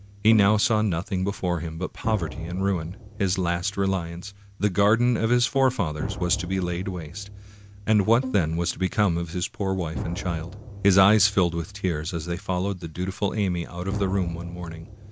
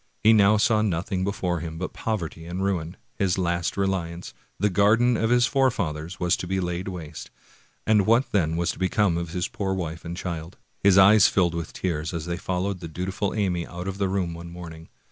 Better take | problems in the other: second | background sound (Bowed string instrument + Drum); 13 dB below the speech

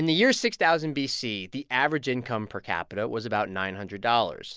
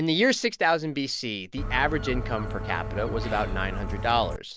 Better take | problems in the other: first | background sound (Gull, seagull); 4 dB below the speech

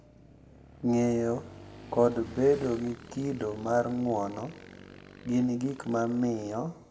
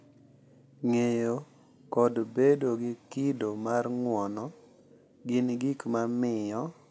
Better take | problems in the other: second | background sound (Motorcycle / Engine); 19 dB below the speech // room echo; dies away in 1 s

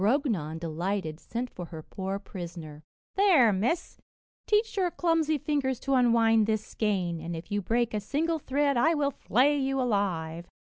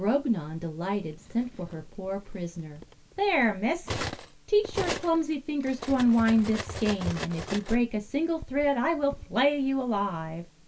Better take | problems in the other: first | background sound (Cutlery, silverware); 12 dB below the speech // room echo; dies away in 0.2 s

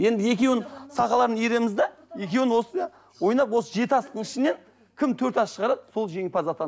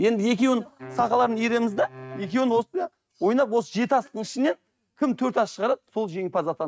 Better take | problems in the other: first | noise reduction (neural mask model RNNoise)

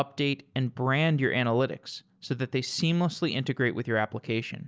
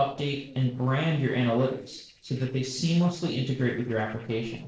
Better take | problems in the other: first | noise reduction (neural separator model SepFormer DNS4)

